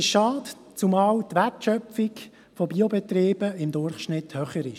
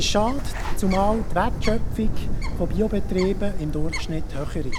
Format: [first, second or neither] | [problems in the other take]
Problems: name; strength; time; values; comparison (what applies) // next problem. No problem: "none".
first | background sound (Bird); 2 dB above the speech